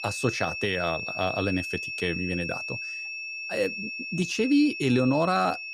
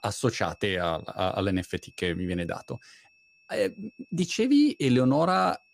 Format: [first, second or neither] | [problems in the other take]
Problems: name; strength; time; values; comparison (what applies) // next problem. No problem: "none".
second | high-pitched whine; loud; throughout; 2.5 kHz, 5 dB below the speech; faint in the second